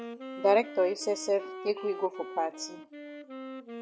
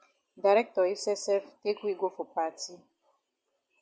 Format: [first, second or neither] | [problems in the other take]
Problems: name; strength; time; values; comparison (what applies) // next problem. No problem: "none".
second | background sound (Wind instrument, woodwind instrument); 11 dB below the speech